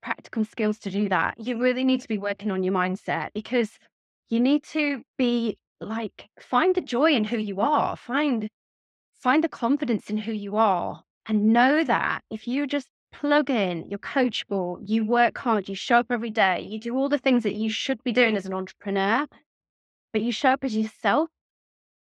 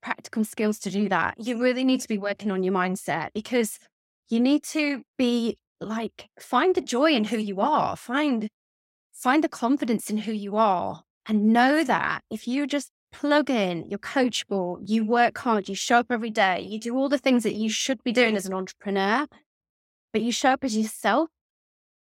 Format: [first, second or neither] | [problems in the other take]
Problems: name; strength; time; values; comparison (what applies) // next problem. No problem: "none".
second | muffled; very slightly; fading above 3 kHz